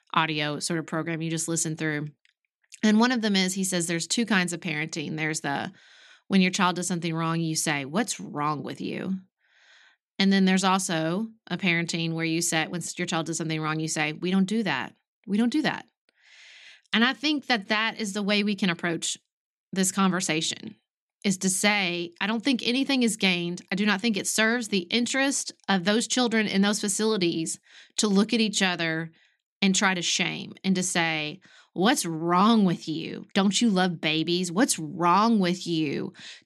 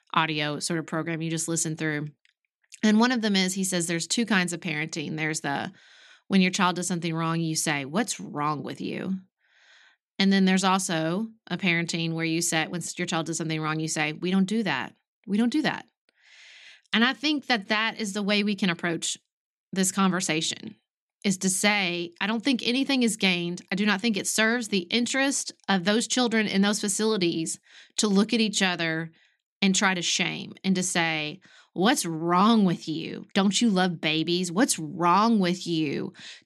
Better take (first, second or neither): neither